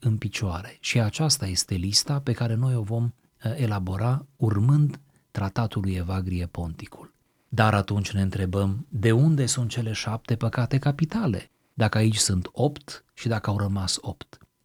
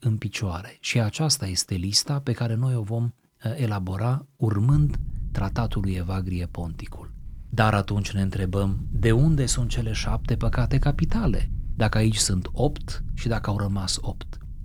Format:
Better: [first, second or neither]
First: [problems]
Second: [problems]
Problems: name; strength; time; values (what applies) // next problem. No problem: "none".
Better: first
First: none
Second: low rumble; faint; from 4.5 s on; 20 dB below the speech